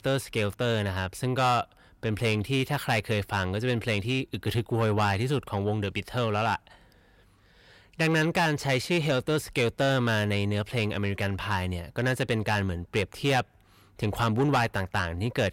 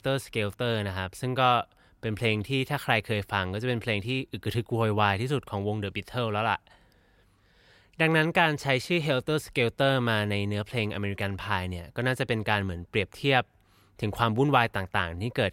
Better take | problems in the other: second | distortion; slight; 10 dB below the speech

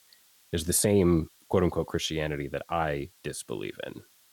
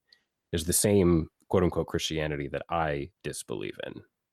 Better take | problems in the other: second | hiss; faint; throughout; 30 dB below the speech

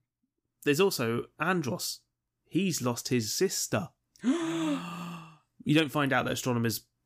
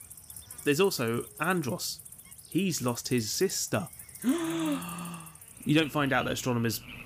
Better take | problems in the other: first | animal sounds; noticeable; throughout; 15 dB below the speech

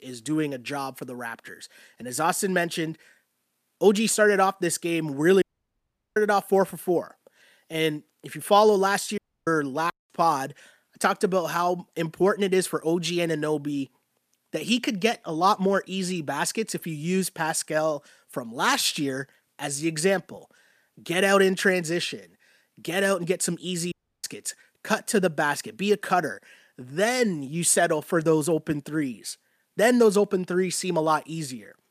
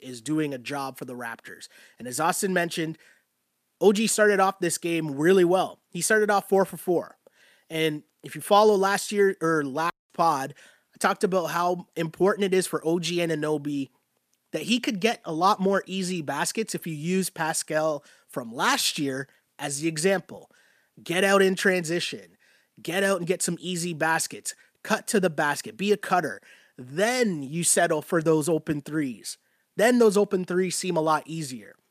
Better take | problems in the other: second | audio cutting out; at 5.5 s for 0.5 s, at 9 s and at 24 s

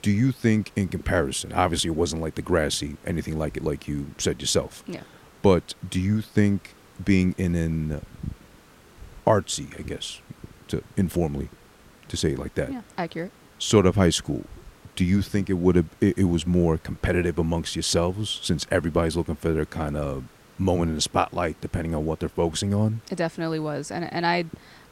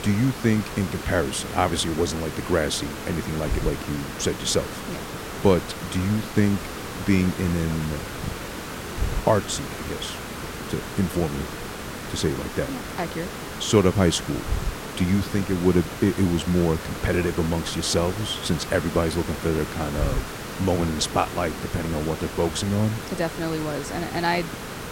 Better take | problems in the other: first | hiss; loud; throughout; 8 dB below the speech; faint in the first

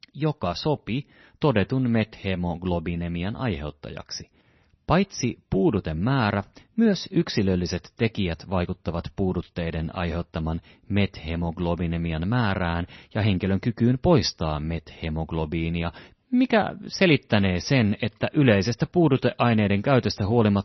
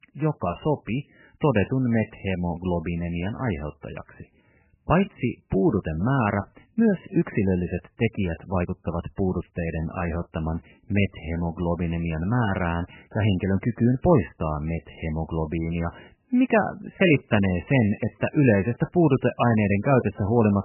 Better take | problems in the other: first | garbled, watery; badly; nothing above 3 kHz; slightly in the first

